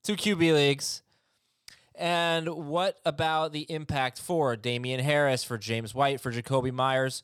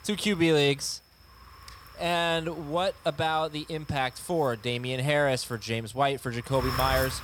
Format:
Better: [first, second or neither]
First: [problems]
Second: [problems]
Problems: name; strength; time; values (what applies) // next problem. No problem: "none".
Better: first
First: none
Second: wind noise on the microphone; occasional gusts; 10 dB below the speech